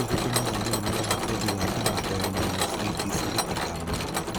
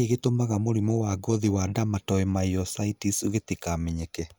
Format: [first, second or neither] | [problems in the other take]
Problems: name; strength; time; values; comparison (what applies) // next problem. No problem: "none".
second | background sound (Mechanisms); 4 dB above the speech